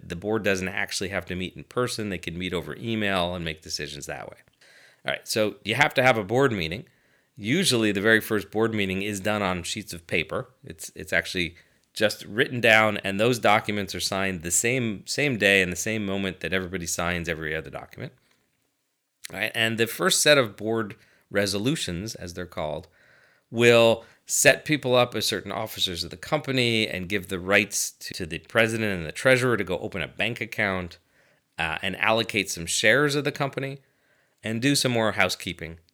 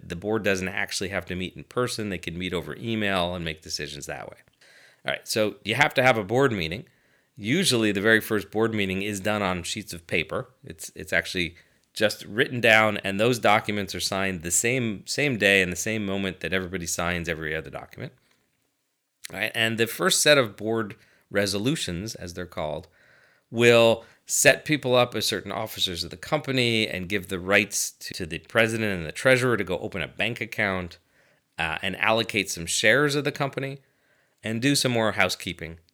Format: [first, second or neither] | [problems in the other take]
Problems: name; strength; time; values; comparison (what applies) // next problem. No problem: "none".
neither | none